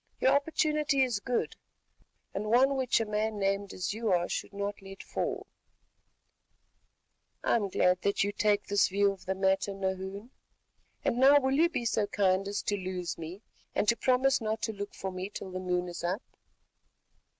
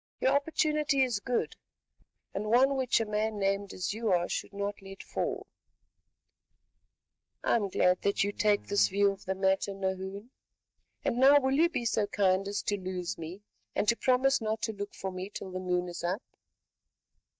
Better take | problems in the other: first | noise reduction (neural mask model DeepFilterNet 3)

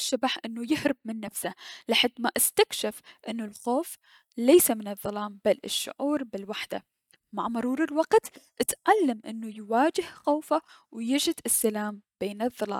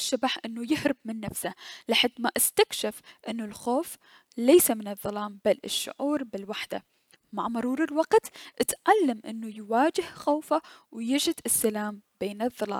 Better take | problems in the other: second | noise reduction (neural mask model DeepFilterNet 3)

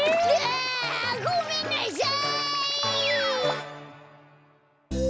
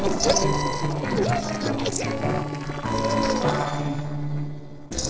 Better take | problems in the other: first | noise reduction (neural separator model SepFormer DNS4)

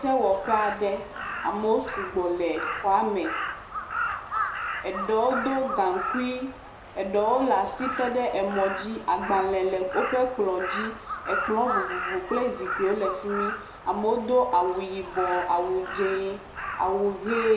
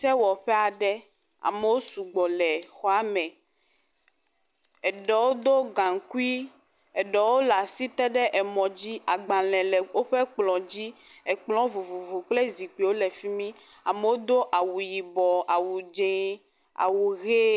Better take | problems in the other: second | background sound (Crow); 7 dB below the speech // room echo; dies away in 0.6 s

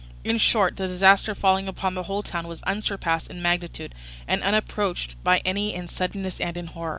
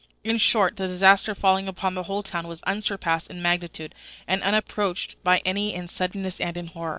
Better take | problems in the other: first | noise reduction (neural separator model SepFormer DNS4)

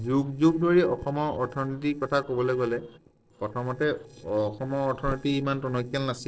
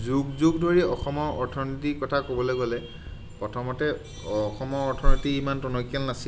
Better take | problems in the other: second | noise reduction (neural separator model SepFormer DNS4)

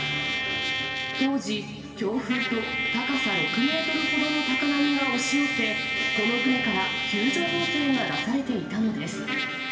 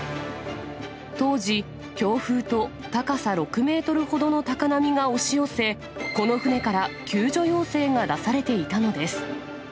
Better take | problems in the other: second | background sound (Trumpet); 1 dB below the speech // room echo; dies away in 2 s

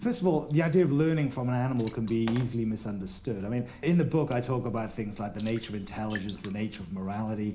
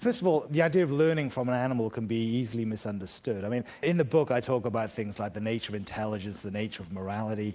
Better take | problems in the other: second | background sound (Water / Splash, splatter); 20 dB below the speech // room echo; dies away in 0.4 s

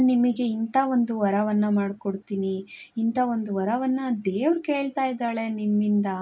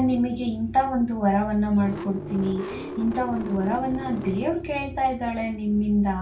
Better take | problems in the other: first | background sound (Engine starting / Car); 11 dB below the speech // room echo; dies away in 0.3 s

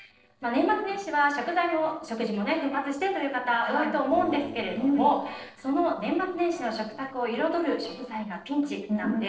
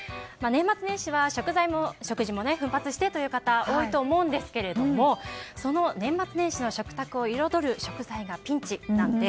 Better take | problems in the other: second | noise reduction (neural separator model SepFormer DNS4)

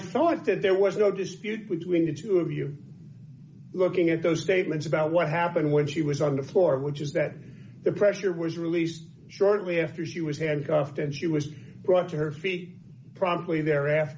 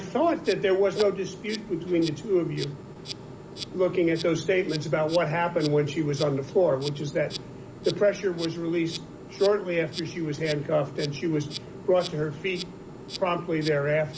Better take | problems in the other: first | background sound (Insect); 14 dB below the speech

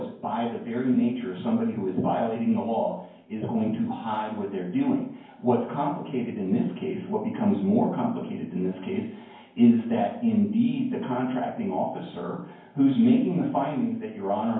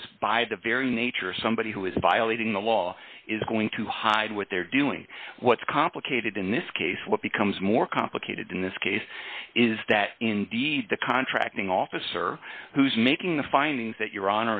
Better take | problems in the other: second | room echo; dies away in 0.9 s

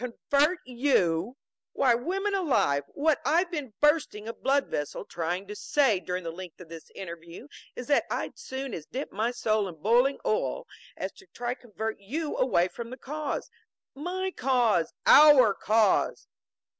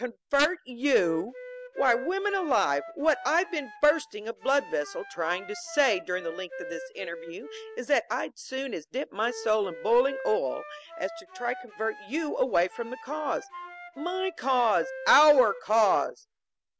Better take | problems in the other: first | background sound (Wind instrument, woodwind instrument); 15 dB below the speech

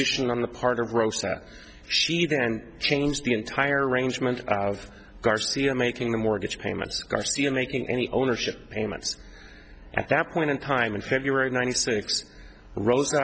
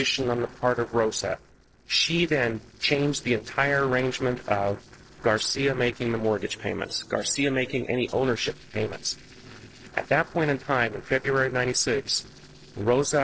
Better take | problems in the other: first | noise reduction (neural separator model SepFormer DNS4)

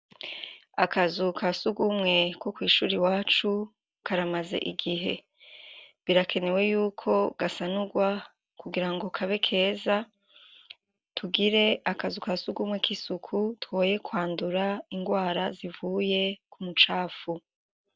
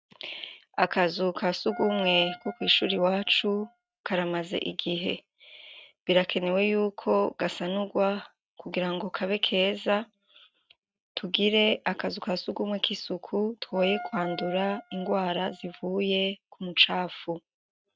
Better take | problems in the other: first | noise reduction (neural mask model RNNoise)

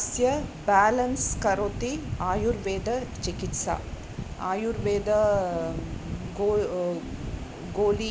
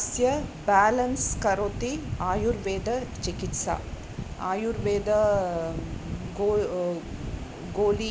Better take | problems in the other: second | background sound (Ringtone); 19 dB below the speech

